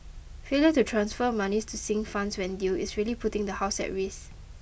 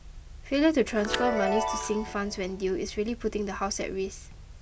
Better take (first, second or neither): first